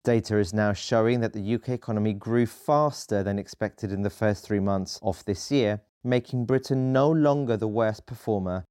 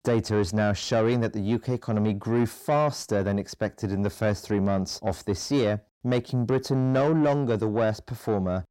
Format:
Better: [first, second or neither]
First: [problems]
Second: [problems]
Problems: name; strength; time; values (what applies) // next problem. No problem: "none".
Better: first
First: none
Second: distortion; slight; 10 dB below the speech